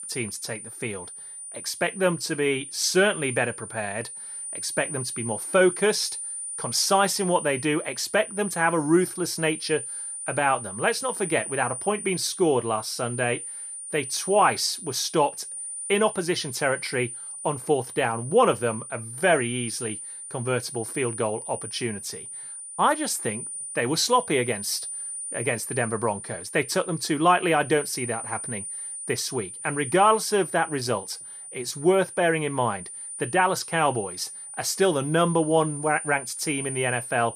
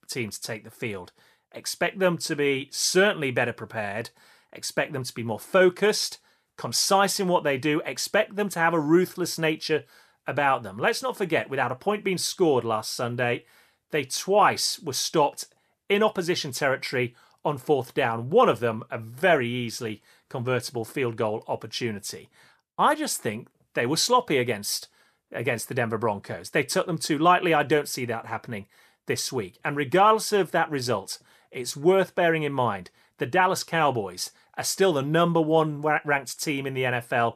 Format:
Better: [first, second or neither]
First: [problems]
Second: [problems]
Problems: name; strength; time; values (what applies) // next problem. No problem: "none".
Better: second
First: high-pitched whine; loud; throughout; 9.5 kHz, 8 dB below the speech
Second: none